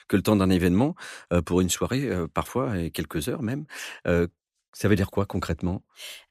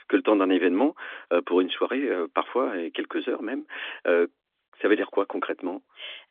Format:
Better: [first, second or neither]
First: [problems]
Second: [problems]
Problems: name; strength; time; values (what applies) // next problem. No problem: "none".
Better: first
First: none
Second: phone-call audio; nothing above 3.5 kHz